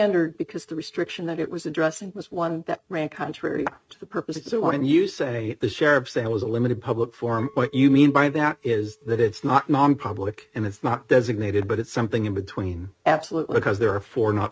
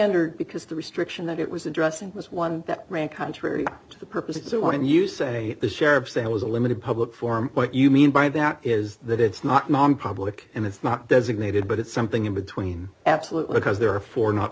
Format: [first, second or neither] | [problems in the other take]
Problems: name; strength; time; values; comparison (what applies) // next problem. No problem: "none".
second | noise reduction (neural mask model RNNoise)